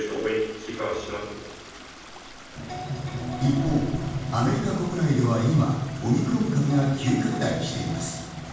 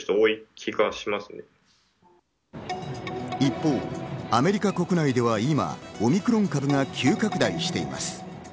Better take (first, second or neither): second